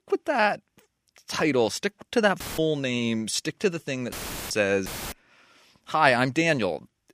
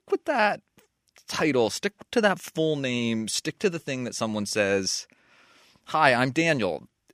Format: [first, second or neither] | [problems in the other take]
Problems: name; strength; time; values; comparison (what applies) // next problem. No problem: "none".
second | audio cutting out; filled with static; at 2.5 s, at 4 s and at 5 s